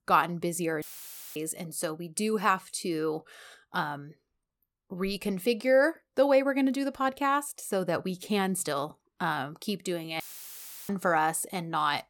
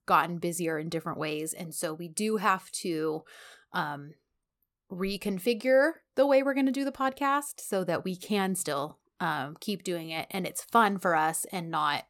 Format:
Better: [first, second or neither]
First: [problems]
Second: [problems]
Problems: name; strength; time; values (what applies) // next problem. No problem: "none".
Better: second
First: audio cutting out; filled with static; at 1 s for 0.5 s and at 10 s for 0.5 s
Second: none